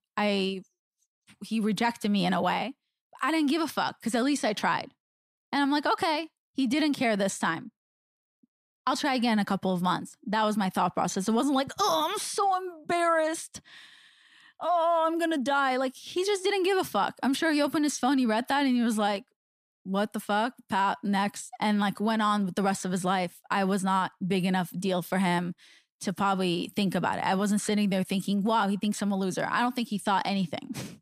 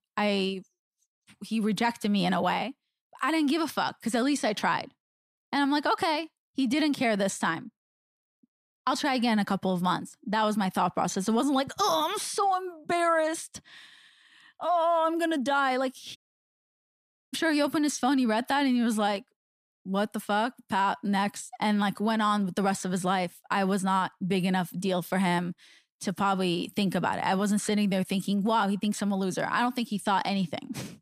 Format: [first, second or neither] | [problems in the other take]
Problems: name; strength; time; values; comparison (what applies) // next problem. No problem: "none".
first | audio cutting out; at 16 s for 1 s